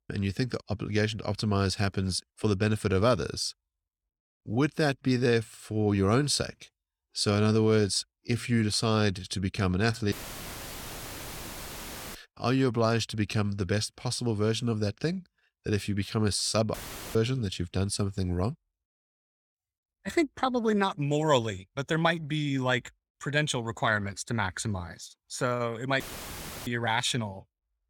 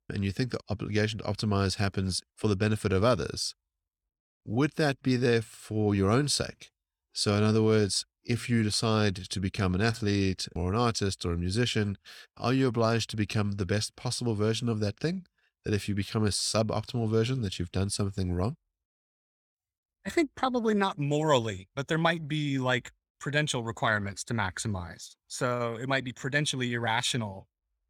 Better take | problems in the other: second | audio cutting out; filled with static; at 10 s for 2 s, at 17 s and at 26 s for 0.5 s

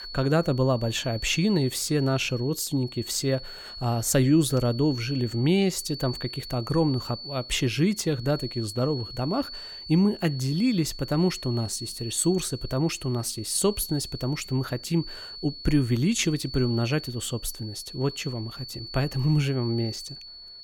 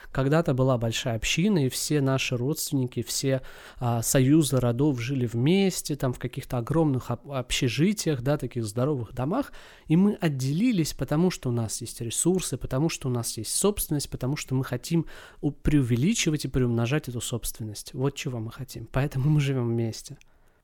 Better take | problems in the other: second | high-pitched whine; noticeable; throughout; 4.5 kHz, 10 dB below the speech

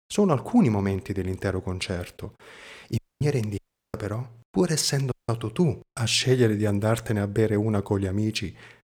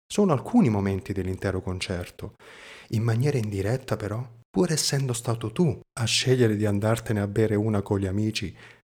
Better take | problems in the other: second | audio cutting out; at 3 s, at 3.5 s and at 5 s

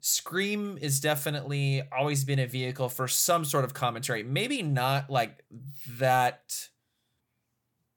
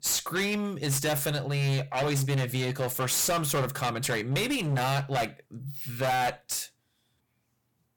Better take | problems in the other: first | distortion; heavy; 22% of the sound clipped

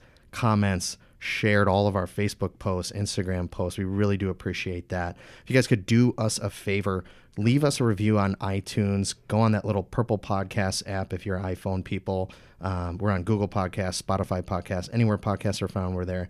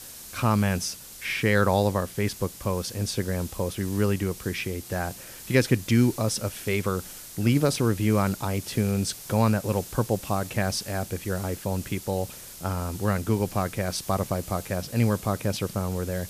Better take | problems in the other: first | hiss; noticeable; throughout; 15 dB below the speech

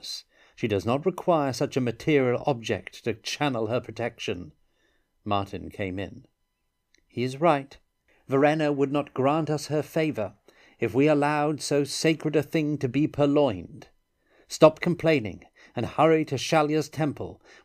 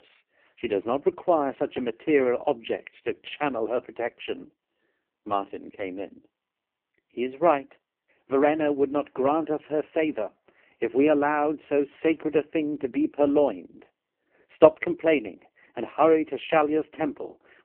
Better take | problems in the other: first | phone-call audio; poor line

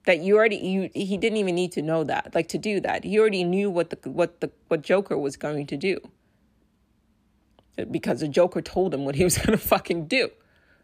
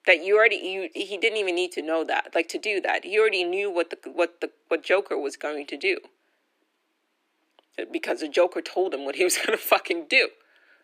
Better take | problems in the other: first | thin; very; fading below 300 Hz

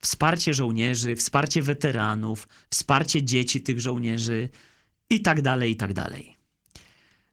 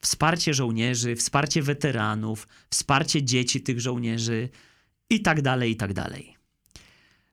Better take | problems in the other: second | garbled, watery; slightly

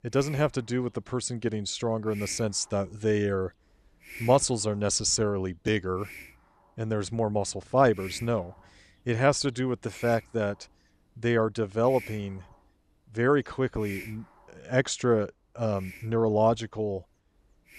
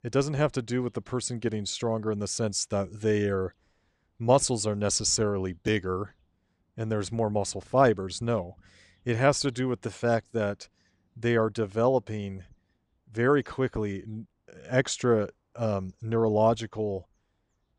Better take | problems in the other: second | hiss; noticeable; throughout; 20 dB below the speech

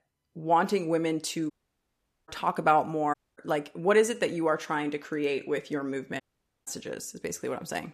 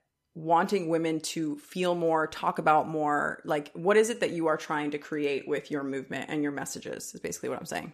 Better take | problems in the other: second | audio cutting out; at 1.5 s for 1 s, at 3 s and at 6 s

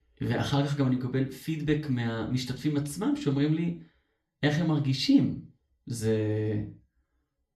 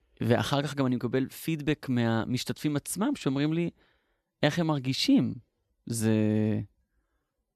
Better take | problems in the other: second | room echo; very slight; dies away in 0.3 s // off-mic speech; somewhat distant

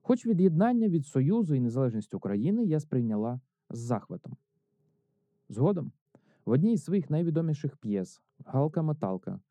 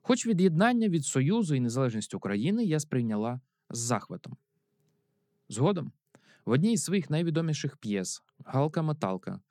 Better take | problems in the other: second | muffled; very; fading above 1.5 kHz

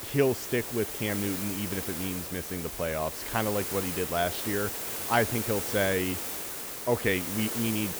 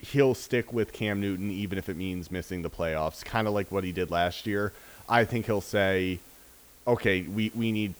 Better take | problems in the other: second | hiss; loud; throughout; 3 dB below the speech; faint in the second

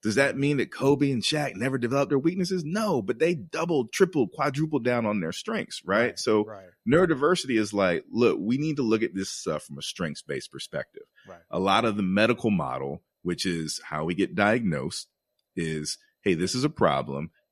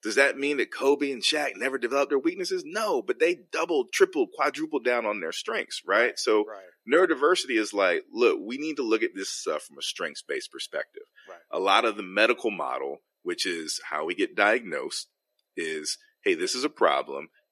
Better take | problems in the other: first | thin; somewhat; fading below 350 Hz

